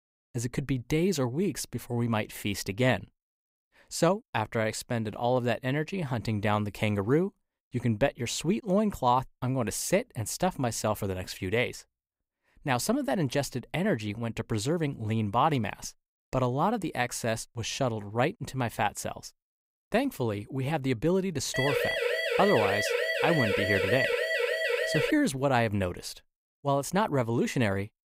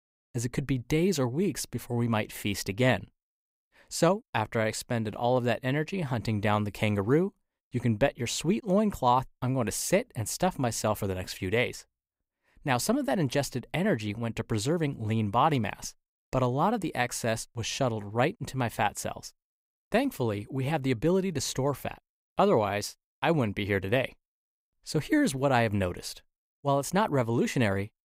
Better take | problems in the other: second | siren; loud; from 22 to 25 s; peak 2 dB above the speech

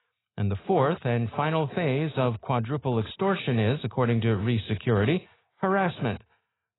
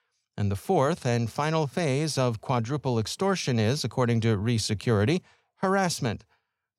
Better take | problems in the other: second | garbled, watery; badly; nothing above 4 kHz

